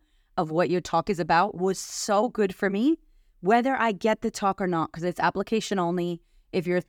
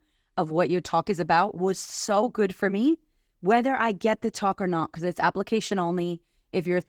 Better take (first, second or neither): first